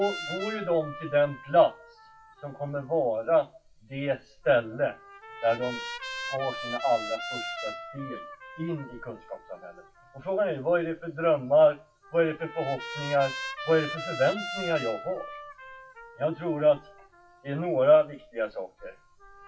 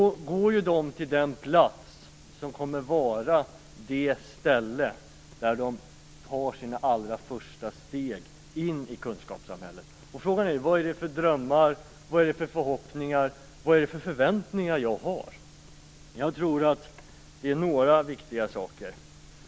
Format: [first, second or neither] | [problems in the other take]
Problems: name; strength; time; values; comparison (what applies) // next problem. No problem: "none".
second | noise reduction (classical method WPE with log-MMSE)